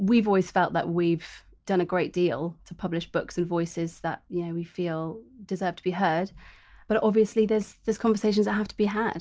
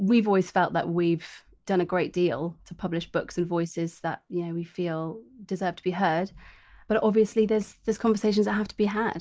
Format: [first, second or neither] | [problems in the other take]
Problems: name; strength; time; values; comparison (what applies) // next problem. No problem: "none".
first | noise reduction (neural mask model Resemble Enhance denoiser)